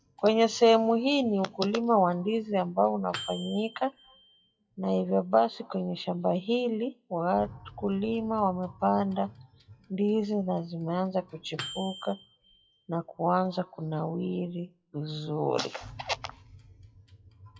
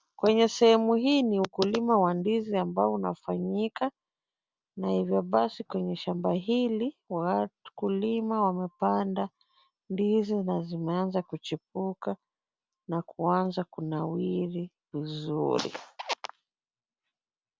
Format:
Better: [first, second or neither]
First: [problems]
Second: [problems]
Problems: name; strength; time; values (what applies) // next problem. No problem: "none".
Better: second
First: noise reduction (classical method WPE with log-MMSE)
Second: none